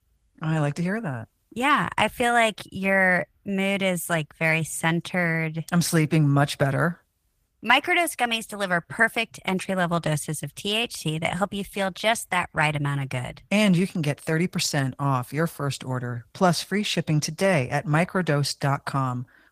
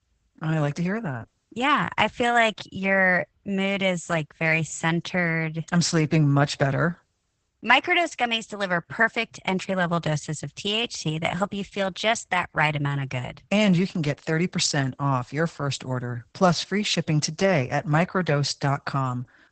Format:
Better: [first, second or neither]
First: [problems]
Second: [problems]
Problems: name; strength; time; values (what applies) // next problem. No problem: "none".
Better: first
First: garbled, watery; slightly; nothing above 15 kHz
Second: garbled, watery; badly; nothing above 8 kHz